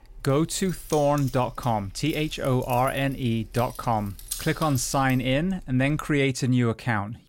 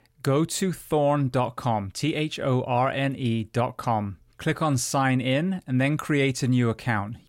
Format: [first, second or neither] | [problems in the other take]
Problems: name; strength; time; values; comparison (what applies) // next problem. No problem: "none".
second | jangling keys; noticeable; until 6 s; peak 8 dB below the speech